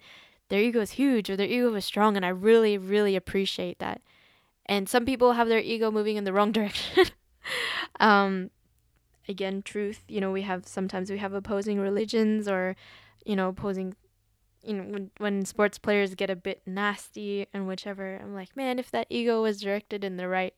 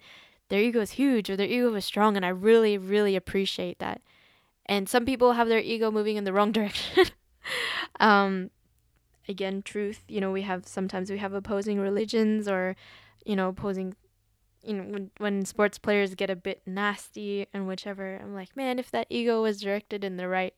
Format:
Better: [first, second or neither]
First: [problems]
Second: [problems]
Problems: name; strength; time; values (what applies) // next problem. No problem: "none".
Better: neither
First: none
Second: none